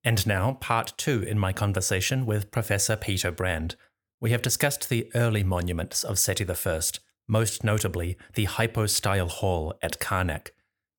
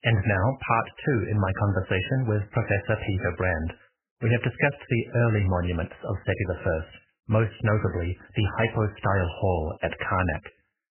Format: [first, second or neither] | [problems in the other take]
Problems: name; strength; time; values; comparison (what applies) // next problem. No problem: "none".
first | garbled, watery; badly; nothing above 3 kHz